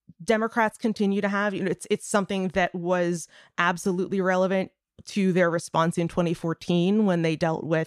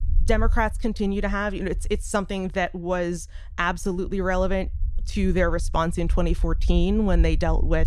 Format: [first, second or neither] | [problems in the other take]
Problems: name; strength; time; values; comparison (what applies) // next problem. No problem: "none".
first | low rumble; faint; throughout; 25 dB below the speech